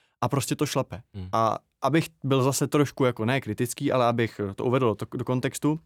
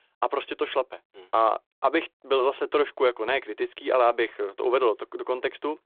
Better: first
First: none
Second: phone-call audio; nothing above 3.5 kHz

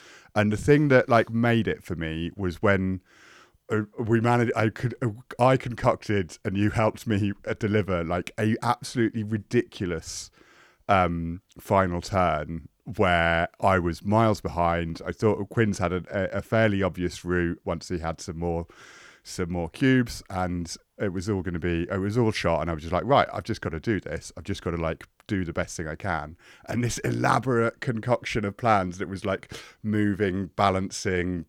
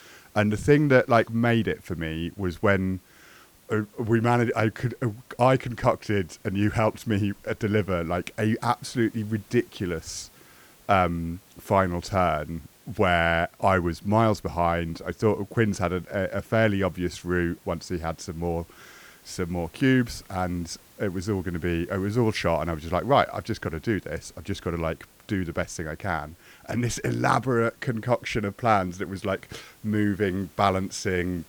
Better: first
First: none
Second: hiss; faint; throughout; 30 dB below the speech

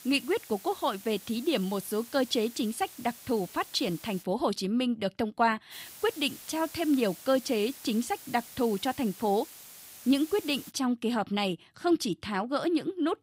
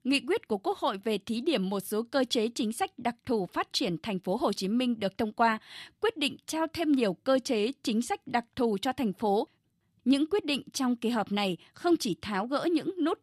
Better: second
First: hiss; noticeable; until 4 s and from 5.5 to 11 s; 15 dB below the speech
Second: none

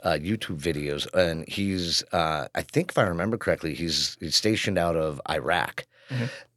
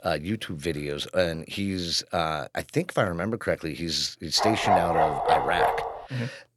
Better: first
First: none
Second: dog barking; loud; from 4.5 to 6 s; peak 5 dB above the speech

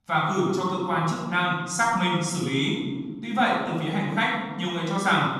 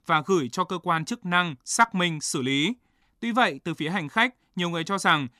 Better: second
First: off-mic speech; far // room echo; noticeable; dies away in 1.5 s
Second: none

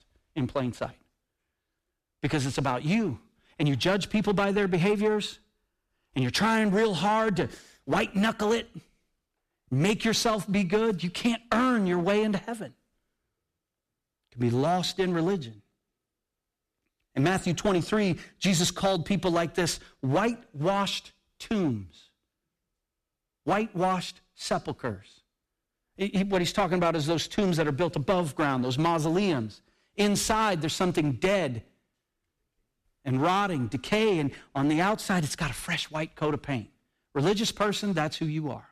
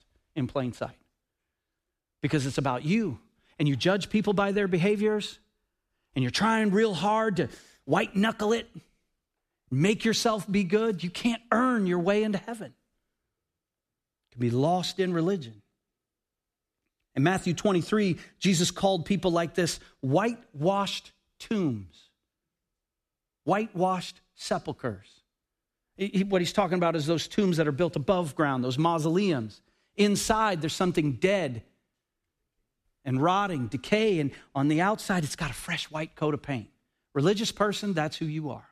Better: second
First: distortion; slight; 7% of the sound clipped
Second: none

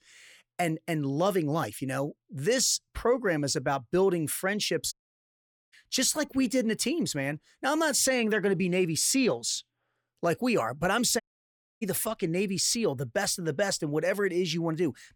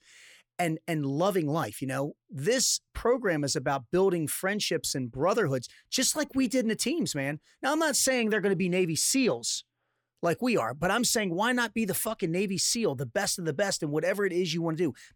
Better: second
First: audio cutting out; at 5 s for 1 s and at 11 s for 0.5 s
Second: none

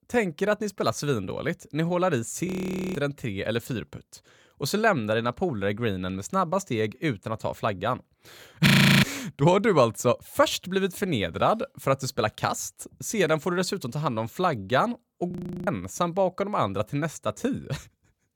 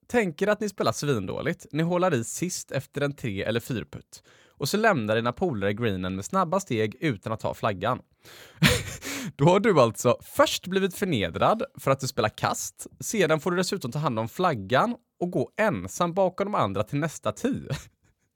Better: second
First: audio freezing; at 2.5 s, at 8.5 s and at 15 s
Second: none

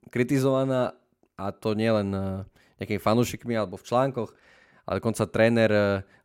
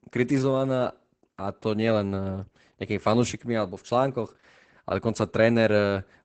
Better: first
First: none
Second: garbled, watery; badly; nothing above 8 kHz

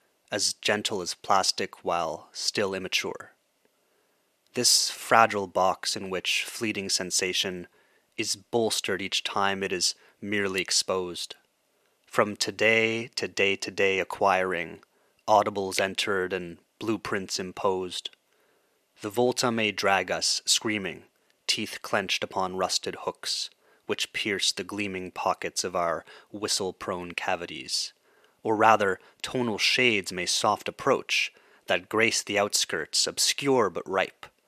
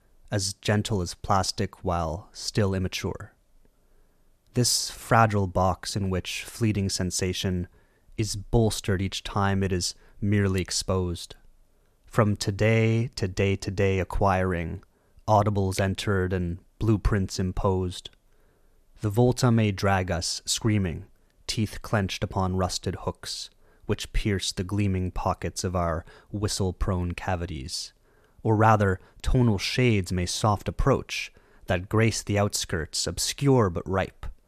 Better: second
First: thin; somewhat; fading below 350 Hz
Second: none

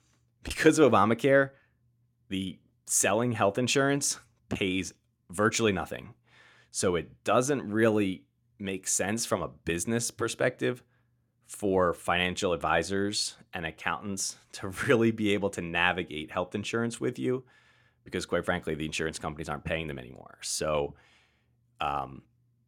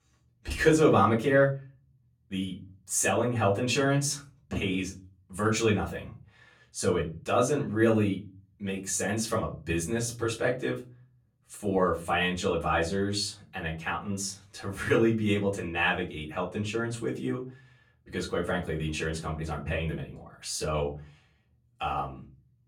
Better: first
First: none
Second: off-mic speech; far // room echo; very slight; dies away in 0.4 s

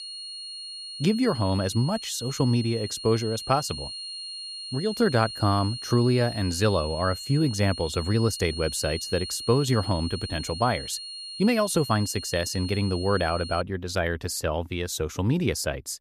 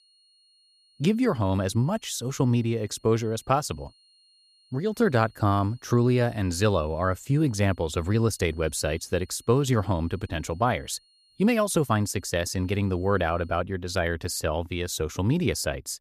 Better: second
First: high-pitched whine; loud; until 14 s; 4.5 kHz, 9 dB below the speech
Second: high-pitched whine; faint; until 14 s; 4.5 kHz, 35 dB below the speech

